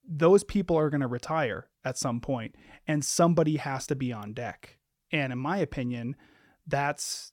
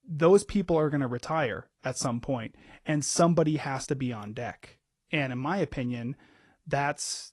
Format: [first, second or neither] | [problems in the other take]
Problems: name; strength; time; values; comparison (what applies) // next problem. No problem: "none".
first | garbled, watery; slightly; nothing above 11 kHz